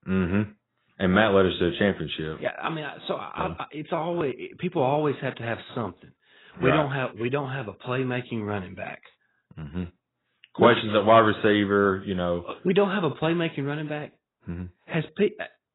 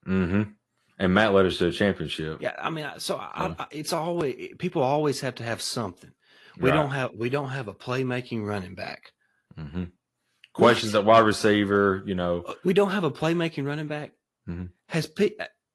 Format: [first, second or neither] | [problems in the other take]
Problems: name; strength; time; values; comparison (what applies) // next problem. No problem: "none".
second | garbled, watery; badly; nothing above 4 kHz; slightly in the second